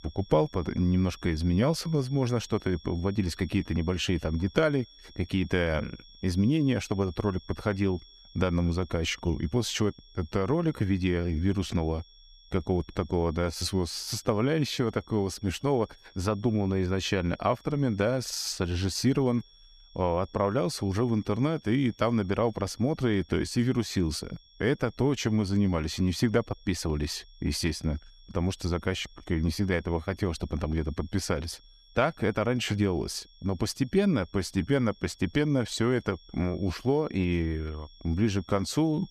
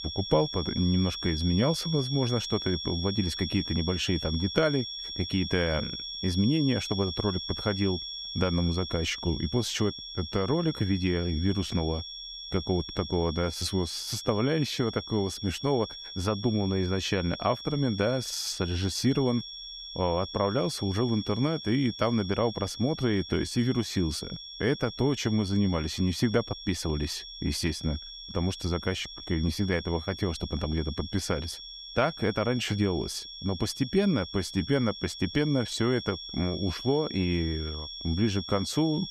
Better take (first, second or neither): first